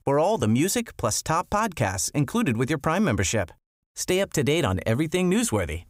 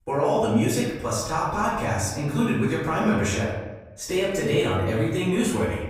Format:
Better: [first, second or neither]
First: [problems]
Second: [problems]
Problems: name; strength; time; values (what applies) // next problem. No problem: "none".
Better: first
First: none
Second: off-mic speech; far // room echo; noticeable; dies away in 1 s